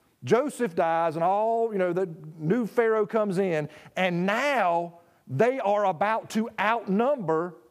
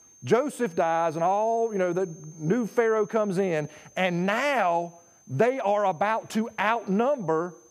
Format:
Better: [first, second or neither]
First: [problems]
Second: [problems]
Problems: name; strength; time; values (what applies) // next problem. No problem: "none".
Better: first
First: none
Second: high-pitched whine; faint; throughout; 6.5 kHz, 25 dB below the speech